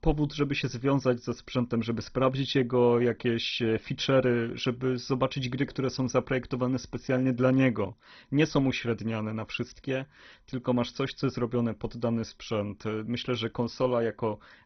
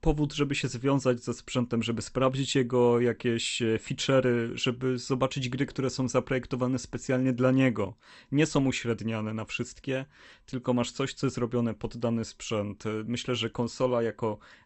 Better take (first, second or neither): second